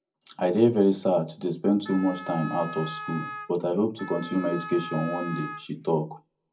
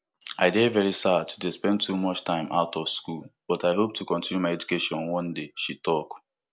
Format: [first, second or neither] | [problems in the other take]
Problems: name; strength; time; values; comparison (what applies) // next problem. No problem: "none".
second | background sound (Wind instrument, woodwind instrument); 12 dB below the speech // room echo; dies away in 0.4 s